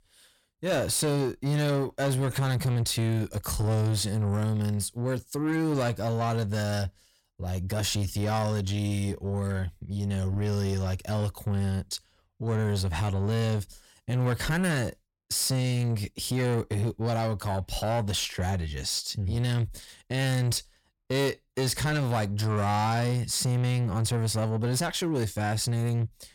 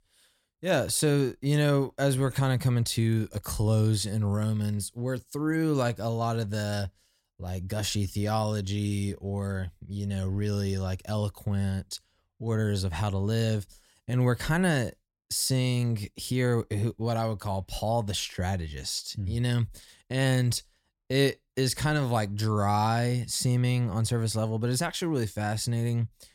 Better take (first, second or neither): second